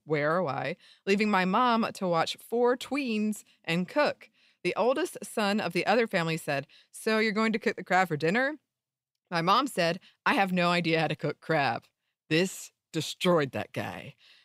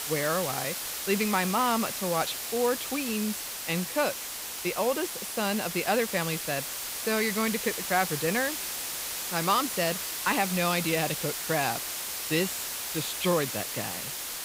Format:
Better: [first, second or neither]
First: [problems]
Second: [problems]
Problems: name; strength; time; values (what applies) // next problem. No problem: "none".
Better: first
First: none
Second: hiss; loud; throughout; 3 dB below the speech